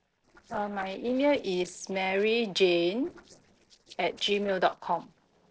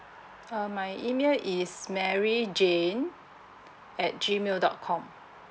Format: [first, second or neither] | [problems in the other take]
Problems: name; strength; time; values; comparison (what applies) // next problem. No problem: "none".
second | noise reduction (neural separator model SepFormer DNS4)